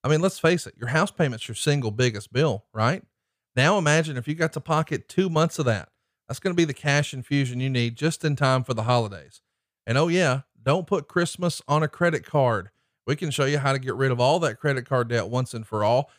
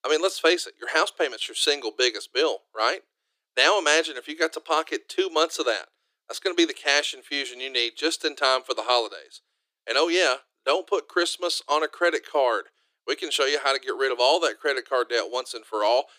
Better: first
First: none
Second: thin; very; fading below 300 Hz

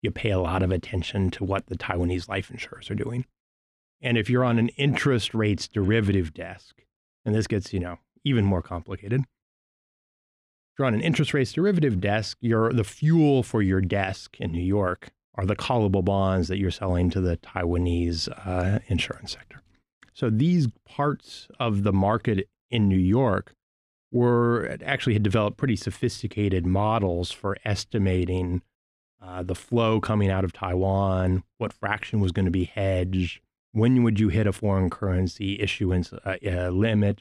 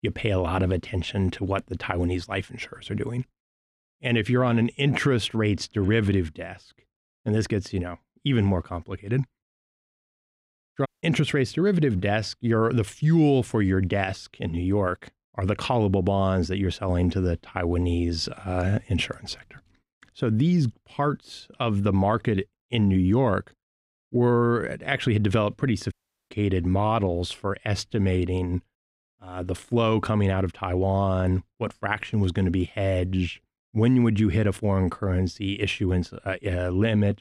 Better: first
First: none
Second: audio cutting out; at 11 s and at 26 s

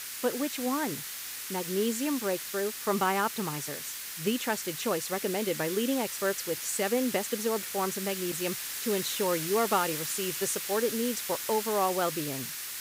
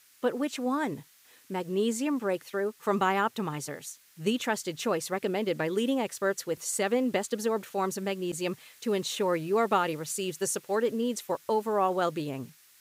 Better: second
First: hiss; loud; throughout; 4 dB below the speech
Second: hiss; faint; throughout; 25 dB below the speech

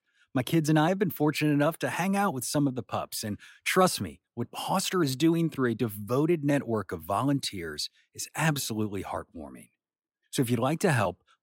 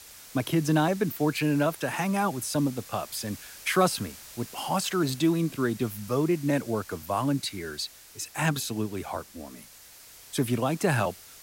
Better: first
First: none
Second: hiss; noticeable; throughout; 15 dB below the speech

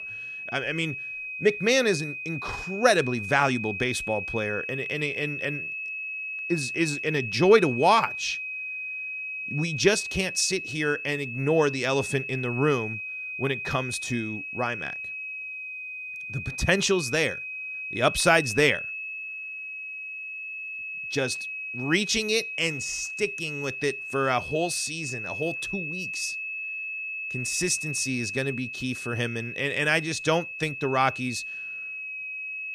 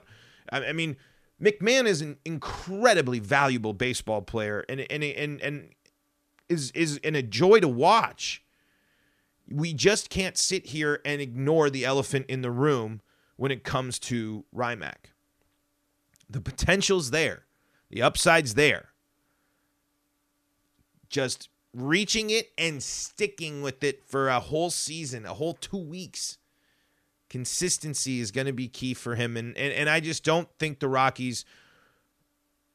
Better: second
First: high-pitched whine; loud; throughout; 2.5 kHz, 6 dB below the speech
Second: none

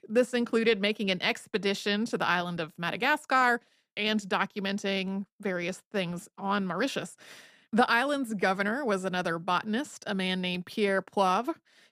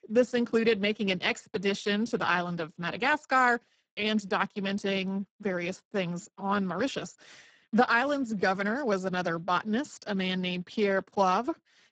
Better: first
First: none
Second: garbled, watery; badly; nothing above 7.5 kHz

